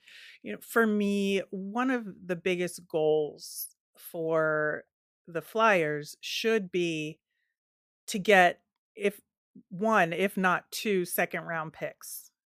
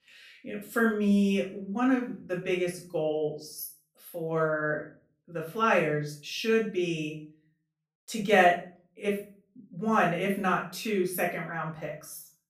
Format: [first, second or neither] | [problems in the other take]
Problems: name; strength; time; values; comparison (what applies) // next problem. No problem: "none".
first | off-mic speech; far // room echo; slight; dies away in 0.4 s